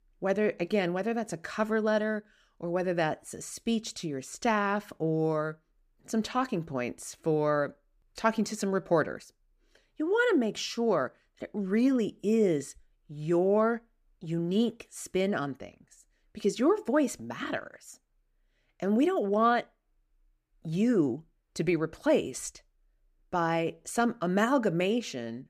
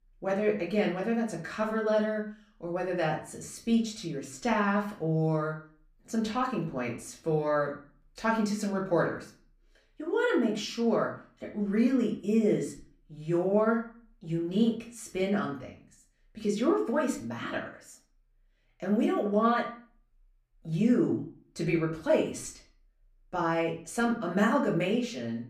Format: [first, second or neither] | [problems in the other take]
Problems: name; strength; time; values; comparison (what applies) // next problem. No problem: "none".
first | room echo; slight; dies away in 0.4 s // off-mic speech; far